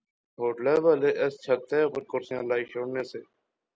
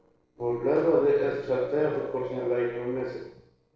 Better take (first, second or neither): first